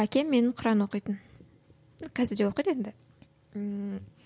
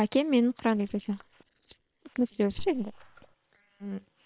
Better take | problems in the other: first | noise reduction (neural separator model SepFormer WHAM!)

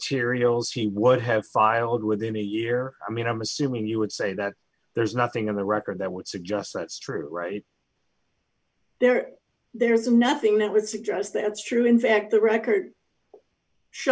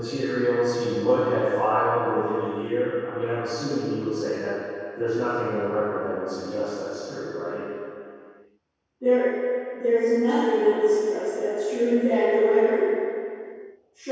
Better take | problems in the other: first | room echo; dies away in 2.2 s

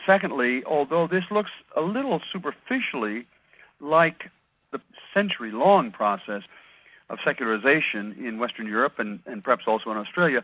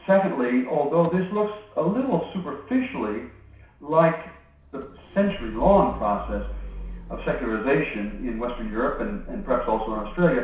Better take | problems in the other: first | background sound (Idling / Engine starting / Motor vehicle (road)); 14 dB below the speech // room echo; dies away in 0.6 s

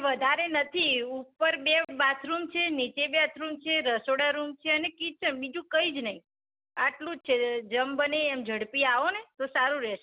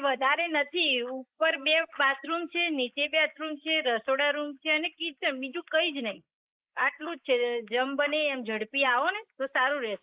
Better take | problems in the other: first | noise reduction (neural mask model Resemble Enhance denoiser)

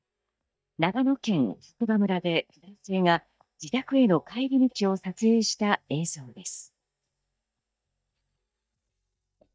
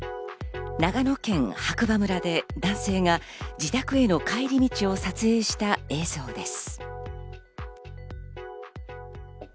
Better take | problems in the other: second | noise reduction (neural mask model DeepFilterNet 3)

